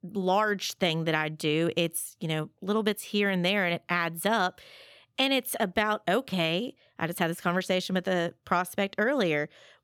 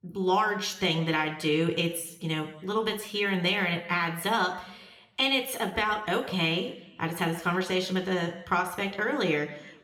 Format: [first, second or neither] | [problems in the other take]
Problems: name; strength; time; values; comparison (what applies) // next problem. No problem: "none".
first | room echo; slight; dies away in 0.6 s